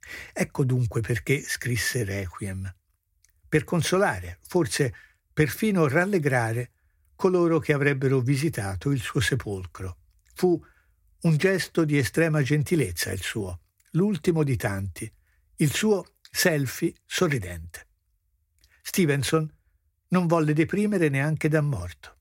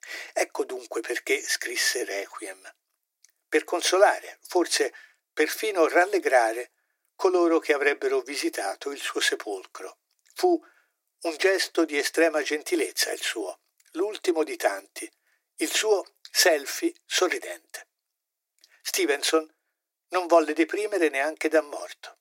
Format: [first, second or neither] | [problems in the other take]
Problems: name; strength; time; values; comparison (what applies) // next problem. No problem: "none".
first | thin; very; fading below 300 Hz